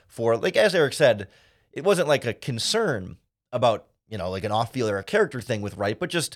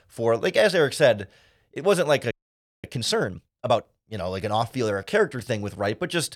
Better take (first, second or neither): first